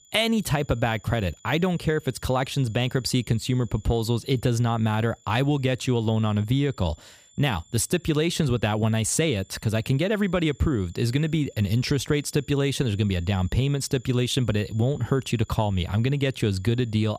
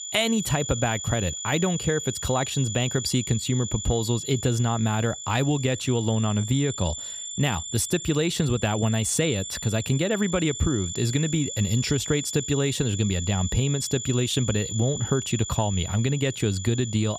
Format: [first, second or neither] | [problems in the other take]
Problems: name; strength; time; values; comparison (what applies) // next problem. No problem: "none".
first | high-pitched whine; loud; throughout; 7 kHz, 7 dB below the speech; faint in the first